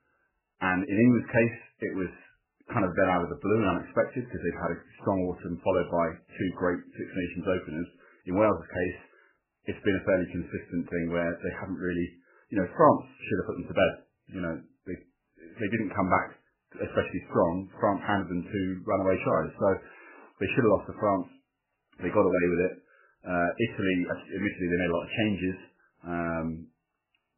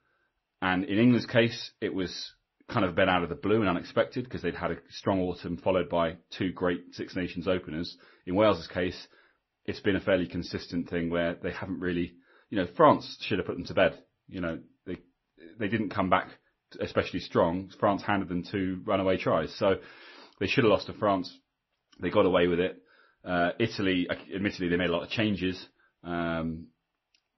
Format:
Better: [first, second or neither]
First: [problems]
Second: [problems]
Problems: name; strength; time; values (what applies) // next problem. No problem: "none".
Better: second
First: garbled, watery; badly; nothing above 3 kHz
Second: garbled, watery; slightly; nothing above 6 kHz